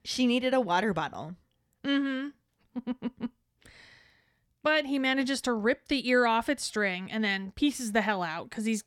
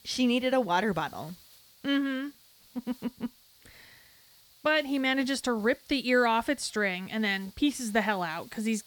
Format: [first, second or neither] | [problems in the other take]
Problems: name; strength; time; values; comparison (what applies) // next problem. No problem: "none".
first | hiss; faint; throughout; 25 dB below the speech